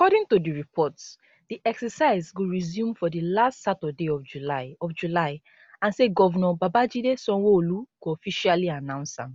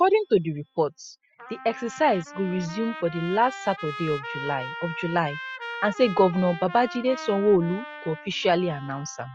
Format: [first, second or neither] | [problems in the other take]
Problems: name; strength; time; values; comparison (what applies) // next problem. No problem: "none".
first | noise reduction (classical method spectral subtraction)